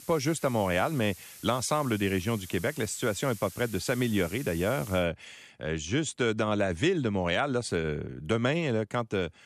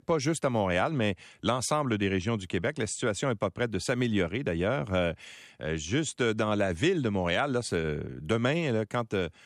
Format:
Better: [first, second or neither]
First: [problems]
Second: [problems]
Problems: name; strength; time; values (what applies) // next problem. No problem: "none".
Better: second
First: hiss; noticeable; until 5 s; 15 dB below the speech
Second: none